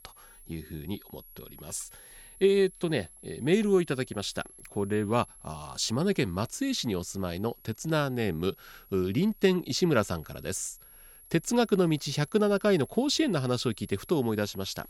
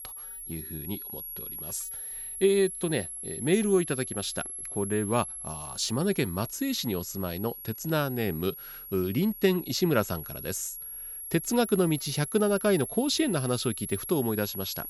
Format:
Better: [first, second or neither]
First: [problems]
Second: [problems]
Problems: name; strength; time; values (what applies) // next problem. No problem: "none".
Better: first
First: high-pitched whine; faint; throughout; 11 kHz, 20 dB below the speech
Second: high-pitched whine; loud; throughout; 11 kHz, 8 dB below the speech